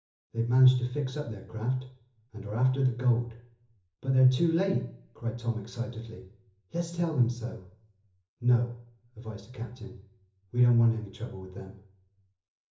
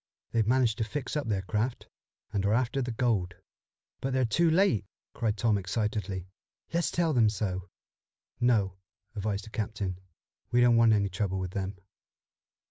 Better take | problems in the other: second | room echo; dies away in 0.7 s

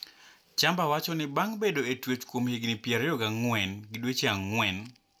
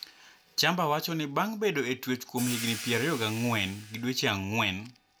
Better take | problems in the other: first | background sound (Hi-hat); 14 dB below the speech

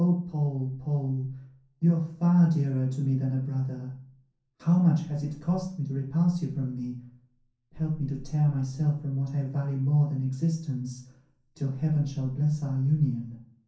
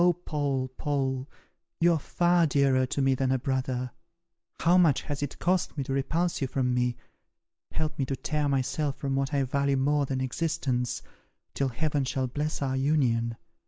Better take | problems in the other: second | room echo; dies away in 0.6 s

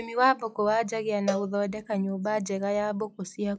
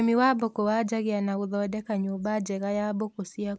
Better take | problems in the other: second | noise reduction (classical method log-MMSE)

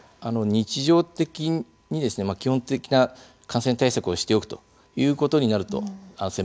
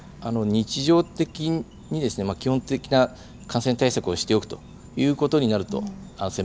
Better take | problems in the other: first | background sound (Insect); 20 dB below the speech

